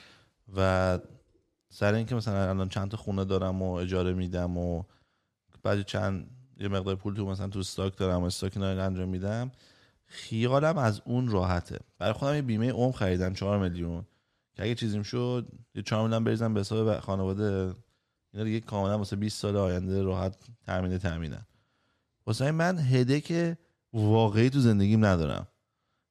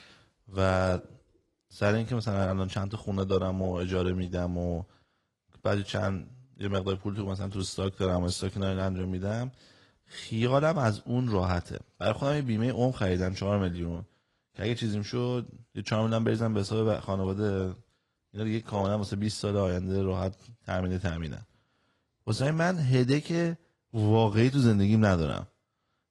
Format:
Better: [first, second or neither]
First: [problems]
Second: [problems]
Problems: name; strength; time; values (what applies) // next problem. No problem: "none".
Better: first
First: none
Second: garbled, watery; slightly